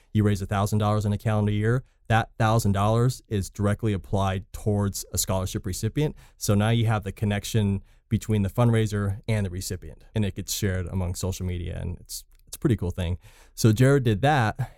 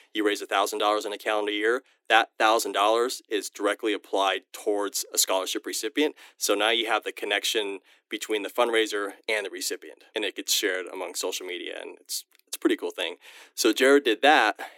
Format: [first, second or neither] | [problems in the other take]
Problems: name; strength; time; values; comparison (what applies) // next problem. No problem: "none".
first | thin; very; fading below 300 Hz